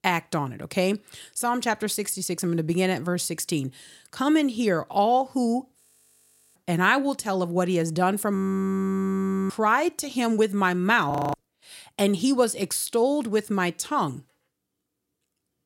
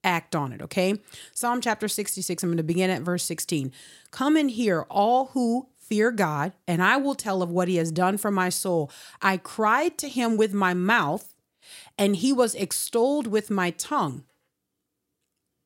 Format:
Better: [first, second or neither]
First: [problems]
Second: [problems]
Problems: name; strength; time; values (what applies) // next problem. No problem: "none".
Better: second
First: audio freezing; at 6 s for 0.5 s, at 8.5 s for 1 s and at 11 s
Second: none